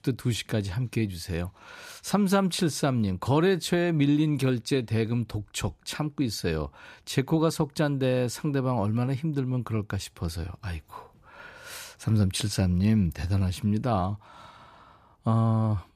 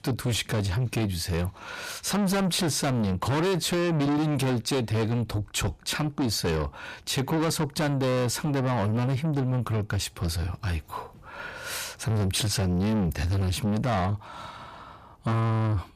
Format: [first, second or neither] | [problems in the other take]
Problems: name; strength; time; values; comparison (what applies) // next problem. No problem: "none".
first | distortion; heavy; 6 dB below the speech